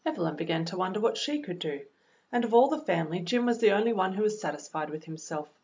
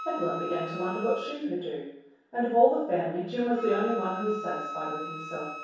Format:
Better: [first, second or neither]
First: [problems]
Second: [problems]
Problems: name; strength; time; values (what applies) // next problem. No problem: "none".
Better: first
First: none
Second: background sound (Wind instrument, woodwind instrument); 11 dB below the speech // room echo; dies away in 0.7 s